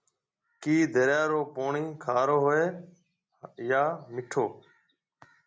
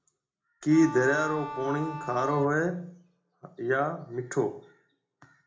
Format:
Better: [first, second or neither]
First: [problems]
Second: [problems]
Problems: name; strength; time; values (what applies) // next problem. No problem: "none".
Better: first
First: none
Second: background sound (Bowed string instrument); 9 dB below the speech // room echo; dies away in 0.4 s